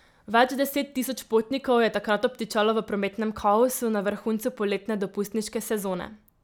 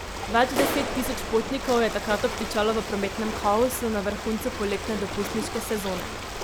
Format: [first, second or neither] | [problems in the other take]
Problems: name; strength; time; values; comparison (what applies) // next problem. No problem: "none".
first | background sound (Ocean + Clapping); 5 dB below the speech